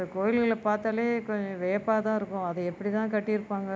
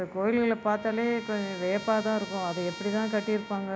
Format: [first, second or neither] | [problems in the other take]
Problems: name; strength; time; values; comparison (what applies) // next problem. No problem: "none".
first | background sound (Trumpet); 15 dB below the speech